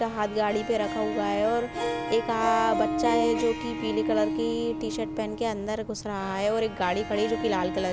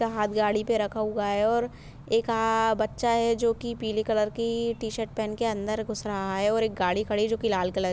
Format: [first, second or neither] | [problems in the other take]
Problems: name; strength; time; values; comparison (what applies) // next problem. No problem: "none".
second | background sound (Harp); 4 dB below the speech